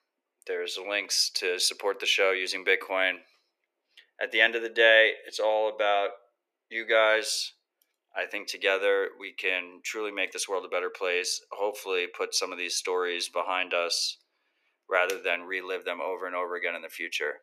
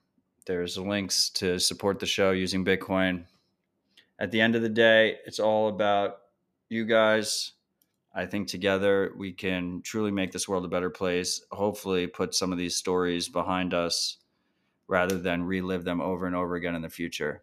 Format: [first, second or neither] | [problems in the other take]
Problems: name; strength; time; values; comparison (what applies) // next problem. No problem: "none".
second | thin; very; fading below 400 Hz